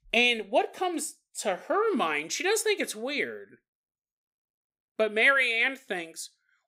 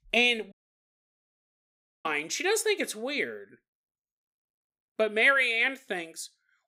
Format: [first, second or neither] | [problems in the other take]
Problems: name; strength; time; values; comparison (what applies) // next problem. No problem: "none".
first | audio cutting out; at 0.5 s for 1.5 s